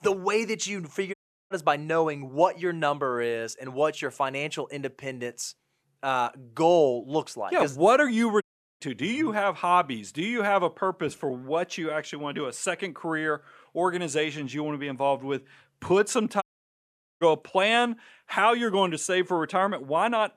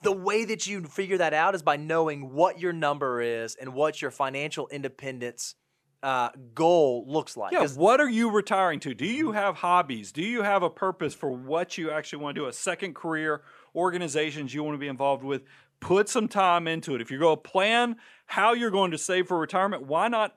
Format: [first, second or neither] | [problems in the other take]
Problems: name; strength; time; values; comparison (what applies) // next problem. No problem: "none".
second | audio cutting out; at 1 s, at 8.5 s and at 16 s for 1 s